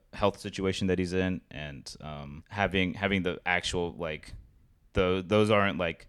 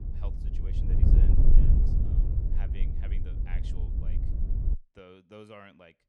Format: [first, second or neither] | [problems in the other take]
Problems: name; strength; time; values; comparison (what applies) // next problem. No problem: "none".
first | wind noise on the microphone; heavy; until 4.5 s; 5 dB above the speech